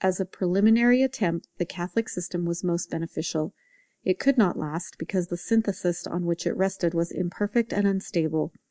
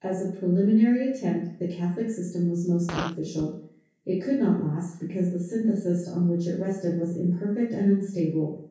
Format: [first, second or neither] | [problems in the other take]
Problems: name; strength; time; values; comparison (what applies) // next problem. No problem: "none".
first | background sound (Fart); 14 dB below the speech // room echo; dies away in 0.6 s